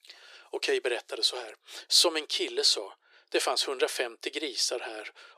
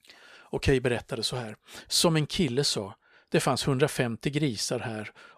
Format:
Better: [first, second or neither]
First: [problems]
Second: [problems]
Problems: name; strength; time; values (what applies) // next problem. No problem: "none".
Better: second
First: thin; very; fading below 350 Hz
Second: none